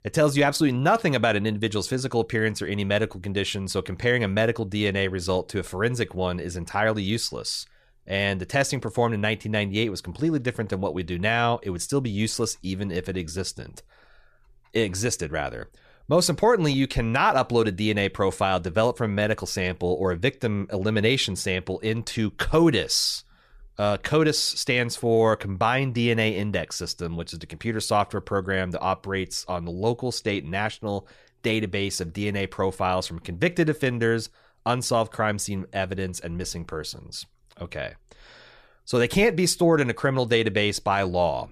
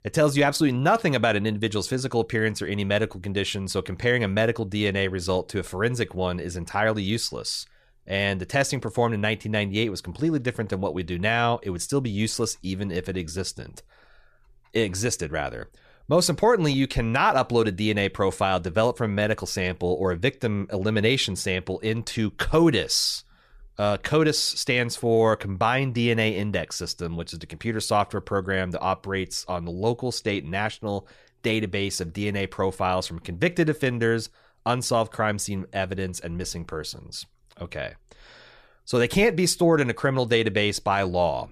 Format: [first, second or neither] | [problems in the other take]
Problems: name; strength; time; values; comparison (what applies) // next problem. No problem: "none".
neither | none